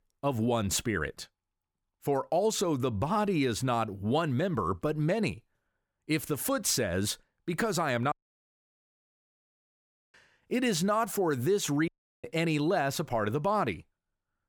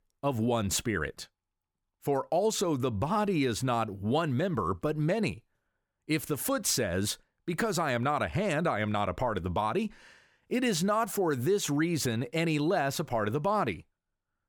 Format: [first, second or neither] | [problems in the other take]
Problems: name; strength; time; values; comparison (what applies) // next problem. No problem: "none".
second | audio cutting out; at 8 s for 2 s and at 12 s